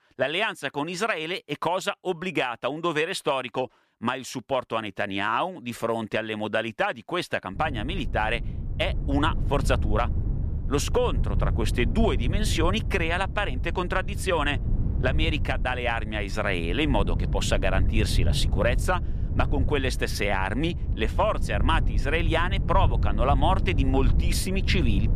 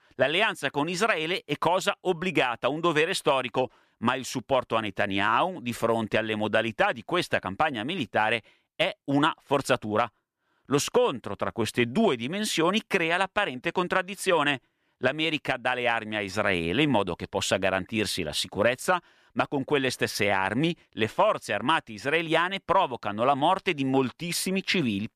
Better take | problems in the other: second | wind noise on the microphone; occasional gusts; from 7.5 s on; 15 dB below the speech

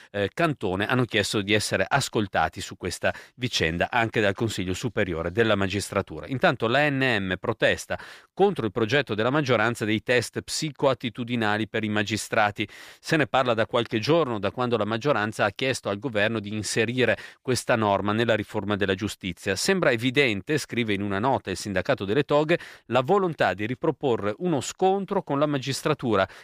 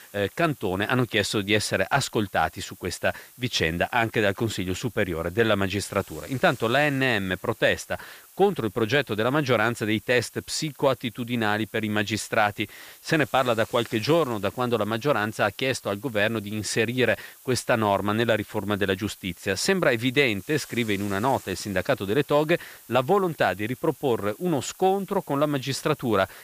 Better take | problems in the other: first | hiss; faint; throughout; 20 dB below the speech

